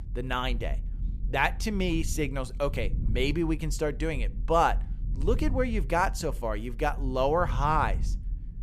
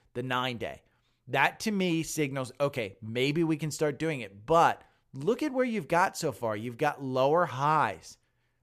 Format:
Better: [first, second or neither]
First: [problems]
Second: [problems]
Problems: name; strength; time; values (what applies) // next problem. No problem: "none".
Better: second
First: low rumble; faint; throughout; 25 dB below the speech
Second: none